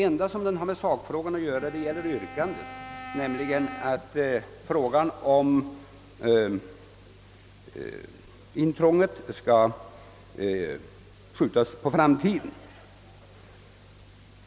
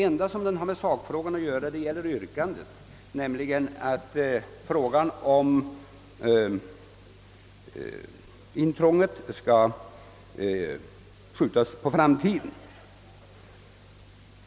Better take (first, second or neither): second